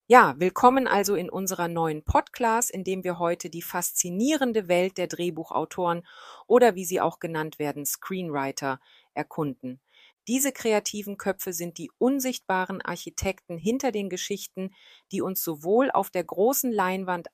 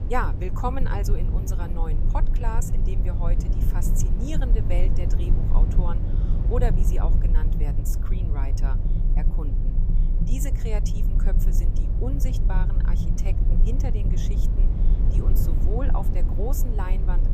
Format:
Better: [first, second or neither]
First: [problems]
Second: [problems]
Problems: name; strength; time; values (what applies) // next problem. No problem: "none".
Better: first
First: none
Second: low rumble; loud; throughout; 4 dB below the speech